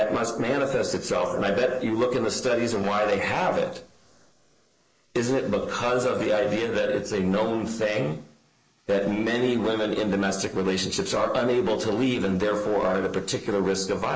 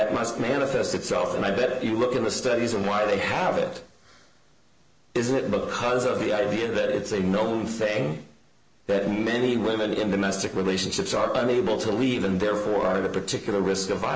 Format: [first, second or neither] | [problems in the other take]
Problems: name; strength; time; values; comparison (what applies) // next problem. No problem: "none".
second | noise reduction (neural mask model Resemble Enhance denoiser)